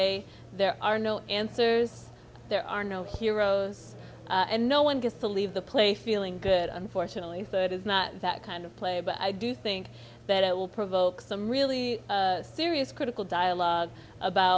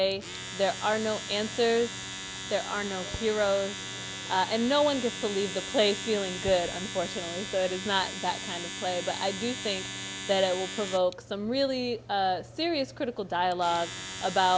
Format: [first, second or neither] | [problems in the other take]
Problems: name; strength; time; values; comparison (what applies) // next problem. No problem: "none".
first | background sound (Domestic sounds, home sounds); 9 dB below the speech